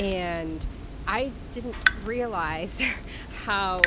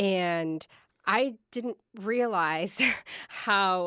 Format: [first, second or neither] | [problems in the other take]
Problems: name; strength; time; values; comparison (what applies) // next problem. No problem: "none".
second | background sound (Drip / Water tap, faucet); 1 dB below the speech